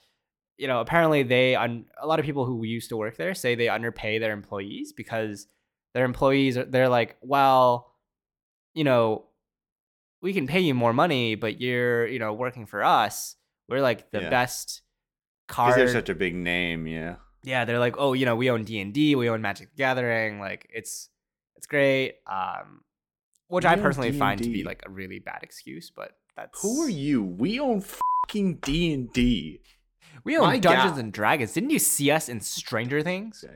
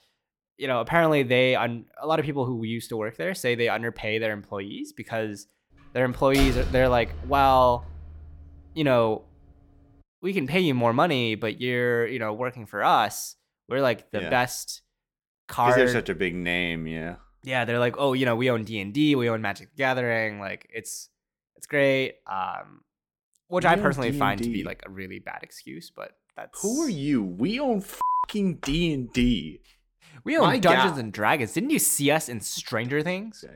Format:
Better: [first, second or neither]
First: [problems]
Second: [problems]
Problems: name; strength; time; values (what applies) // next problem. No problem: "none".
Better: first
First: none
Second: door banging; noticeable; from 6.5 to 8 s; peak 3 dB below the speech